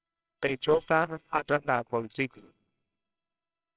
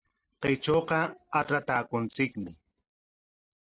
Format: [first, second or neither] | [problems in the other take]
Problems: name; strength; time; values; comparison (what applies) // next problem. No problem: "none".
second | noise reduction (neural separator model SepFormer WHAMR!)